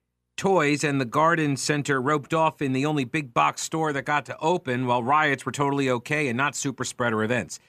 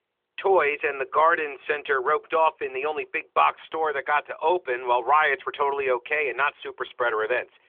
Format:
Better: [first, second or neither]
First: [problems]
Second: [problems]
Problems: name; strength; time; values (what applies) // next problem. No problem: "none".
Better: first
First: none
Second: phone-call audio; nothing above 3.5 kHz